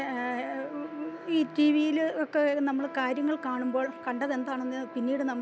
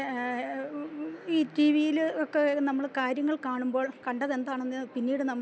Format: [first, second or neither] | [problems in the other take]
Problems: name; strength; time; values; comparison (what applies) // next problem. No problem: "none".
second | background sound (Trumpet); 16 dB below the speech